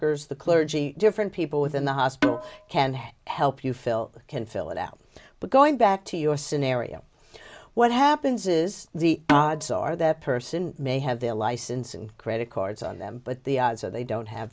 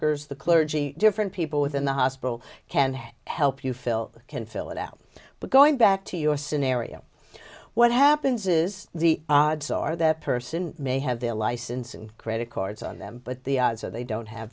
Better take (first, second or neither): second